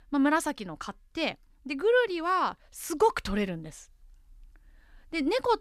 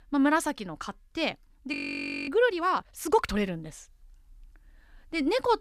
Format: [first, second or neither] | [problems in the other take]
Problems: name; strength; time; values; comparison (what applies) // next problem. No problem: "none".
first | audio freezing; at 1.5 s for 0.5 s